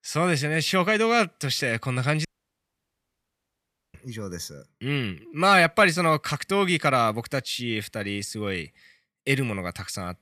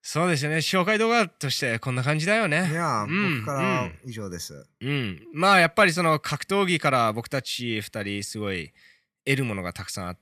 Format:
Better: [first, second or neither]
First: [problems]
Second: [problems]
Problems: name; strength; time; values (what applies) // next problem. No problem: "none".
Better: second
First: audio cutting out; at 2.5 s for 1.5 s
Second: none